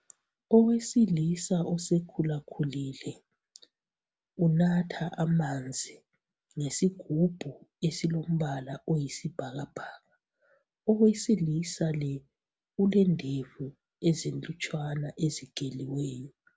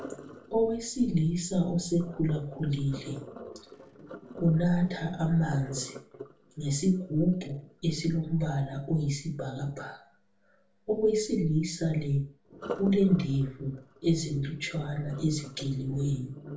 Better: first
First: none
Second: background sound (Sink (filling or washing)); 18 dB below the speech // room echo; dies away in 0.3 s

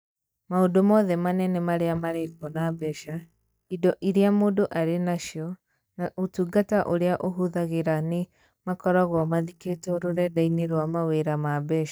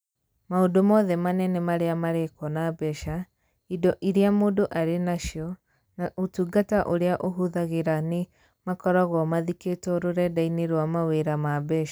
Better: second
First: noise reduction (neural mask model DeepFilterNet 3)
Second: none

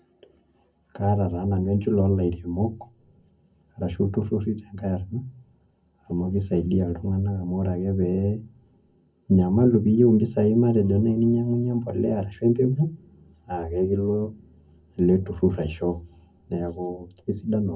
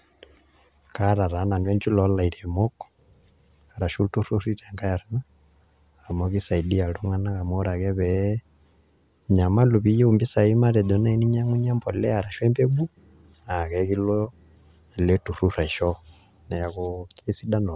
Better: second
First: room echo; dies away in 0.3 s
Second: none

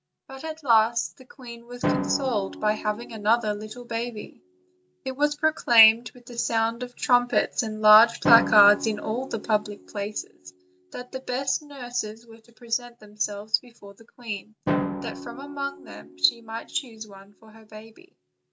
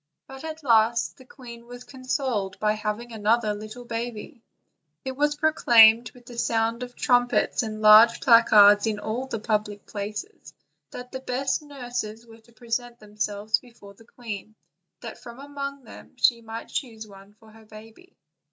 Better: second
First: background sound (Drum); 10 dB below the speech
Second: none

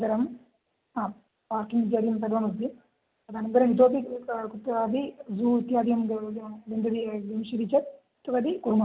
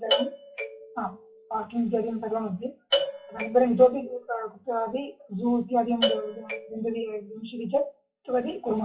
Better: first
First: none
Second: noise reduction (classical method WPE with log-MMSE)

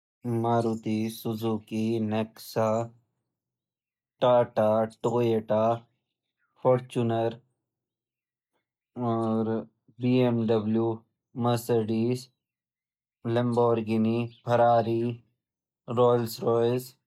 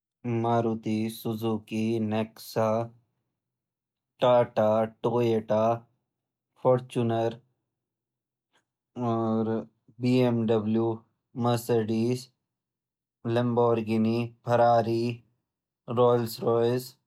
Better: second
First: noise reduction (neural mask model DeepFilterNet 3)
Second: none

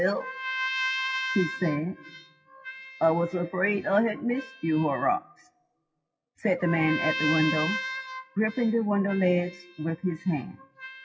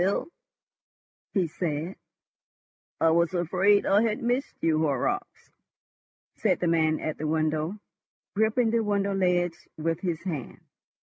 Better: second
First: noise reduction (classical method WPE with log-MMSE)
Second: none

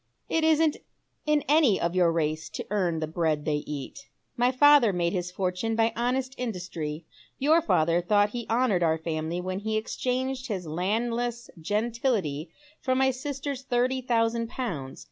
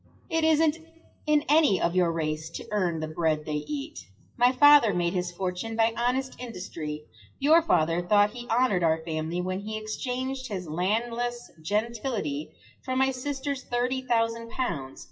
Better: first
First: none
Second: noise reduction (classical method WPE with log-MMSE)

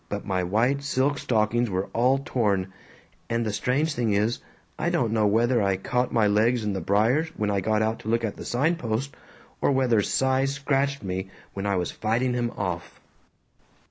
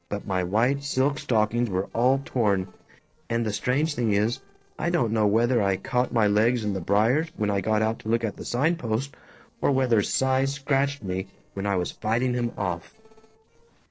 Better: first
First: none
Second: noise reduction (neural separator model SepFormer DNS4)

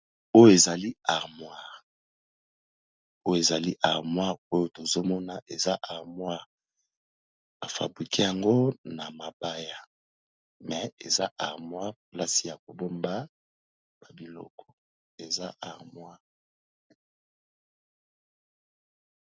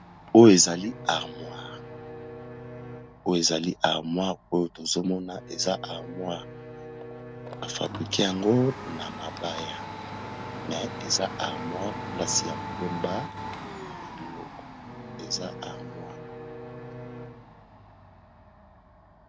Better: first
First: none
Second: background sound (Domestic sounds, home sounds + Bowed string instrument); 11 dB below the speech

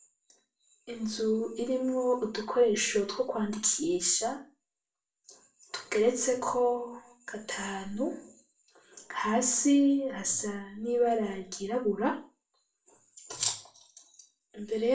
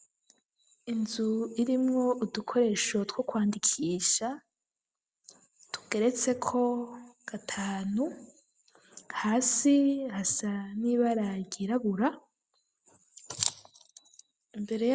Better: second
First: room echo; dies away in 0.3 s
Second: none

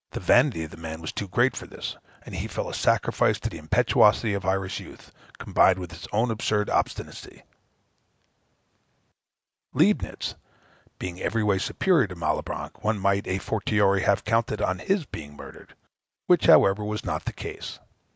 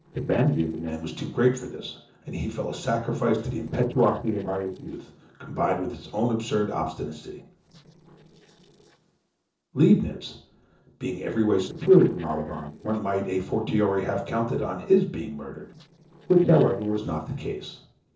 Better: first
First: none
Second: noise reduction (neural separator model SepFormer DNS4)

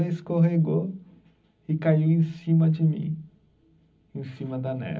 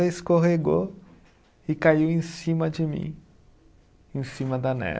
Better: second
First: room echo; dies away in 0.4 s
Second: none

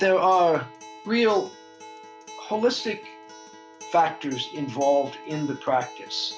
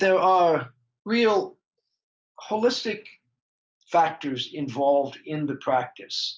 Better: second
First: background sound (Acoustic guitar); 17 dB below the speech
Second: none

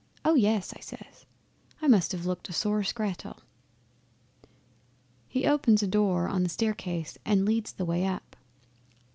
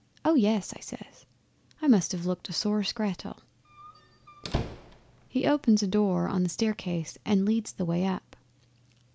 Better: first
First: none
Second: background sound (Squeak); 10 dB below the speech

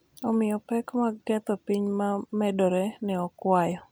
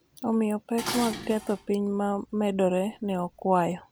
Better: first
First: none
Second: background sound (Dishes, pots, and pans); 13 dB below the speech

